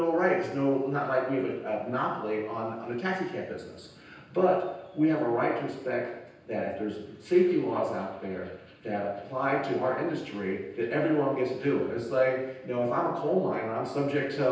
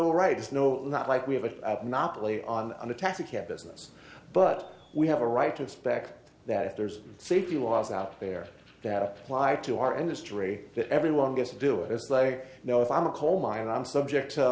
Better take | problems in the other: second | room echo; dies away in 0.9 s

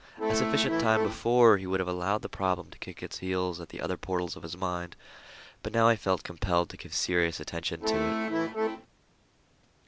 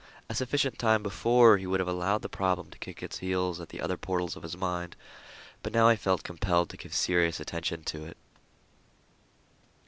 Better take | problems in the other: second | background sound (Accordion); 1 dB above the speech

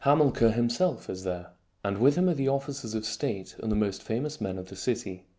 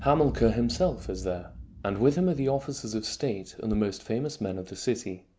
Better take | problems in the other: first | background sound (Boom); 15 dB below the speech

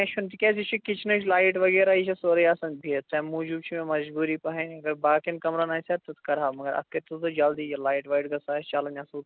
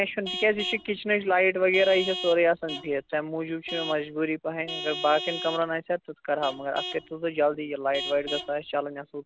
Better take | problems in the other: first | background sound (Vehicle horn, car horn, honking / Truck); 11 dB below the speech

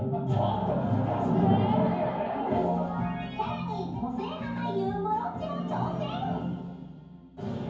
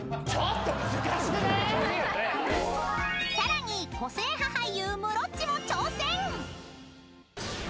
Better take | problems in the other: second | room echo; dies away in 0.9 s

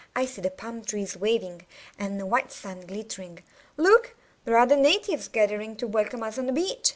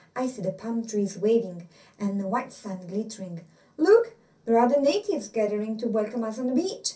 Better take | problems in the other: first | room echo; dies away in 0.3 s

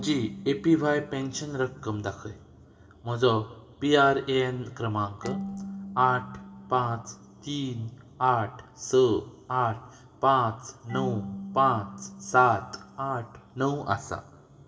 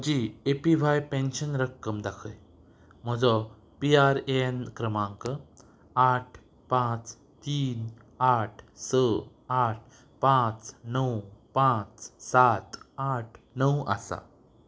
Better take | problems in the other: second | background sound (Marimba, xylophone / Wood); 16 dB below the speech // room echo; dies away in 2.7 s

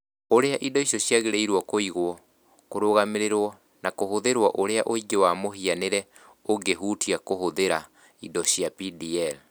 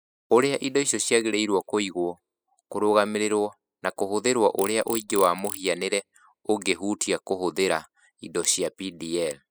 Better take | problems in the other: first | noise reduction (classical method spectral subtraction)

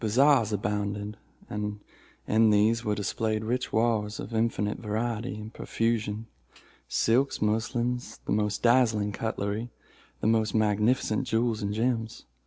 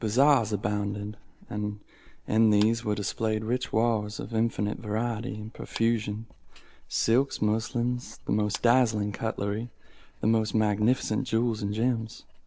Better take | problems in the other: first | background sound (Clapping + Writing); 19 dB below the speech

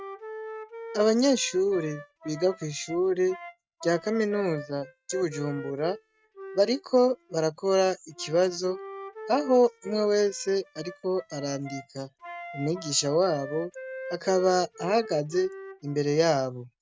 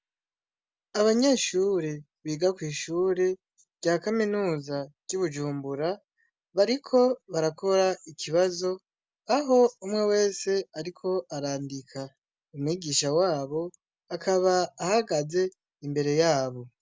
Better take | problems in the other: second | noise reduction (neural mask model RNNoise)

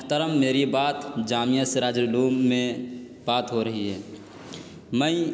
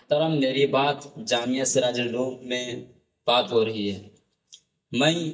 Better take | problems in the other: first | noise reduction (neural mask model DeepFilterNet 3)

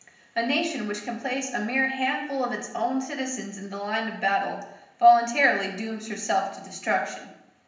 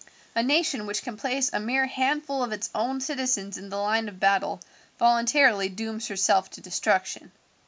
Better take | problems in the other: second | room echo; dies away in 0.8 s

